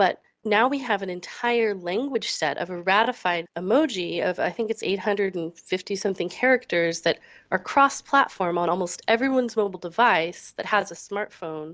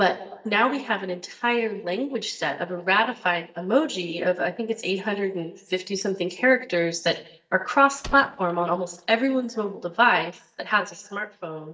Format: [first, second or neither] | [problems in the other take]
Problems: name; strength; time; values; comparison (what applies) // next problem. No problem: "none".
first | noise reduction (neural mask model DeepFilterNet 3)